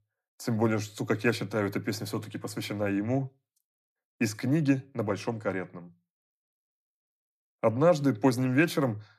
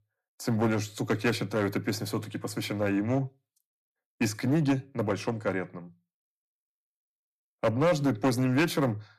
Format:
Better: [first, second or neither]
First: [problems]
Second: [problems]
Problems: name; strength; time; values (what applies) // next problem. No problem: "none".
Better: first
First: none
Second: distortion; slight; 5% of the sound clipped